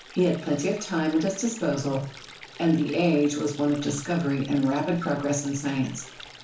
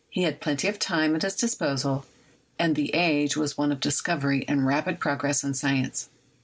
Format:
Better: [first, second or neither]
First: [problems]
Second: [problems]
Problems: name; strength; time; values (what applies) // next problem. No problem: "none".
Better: second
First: background sound (Stream); 20 dB below the speech // room echo; dies away in 0.7 s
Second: none